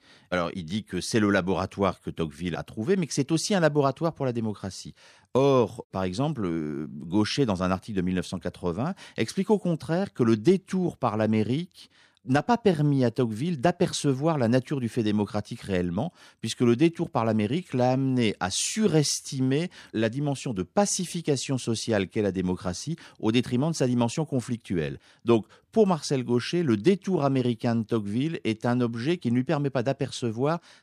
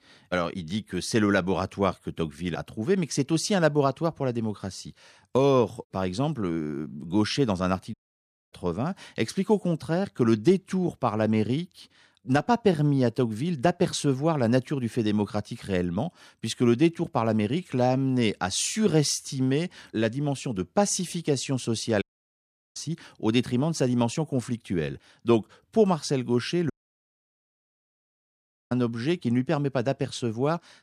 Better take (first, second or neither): first